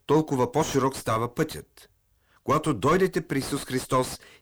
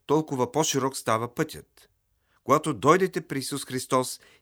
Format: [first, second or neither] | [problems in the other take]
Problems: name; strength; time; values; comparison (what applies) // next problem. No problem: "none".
second | distortion; heavy; 6 dB below the speech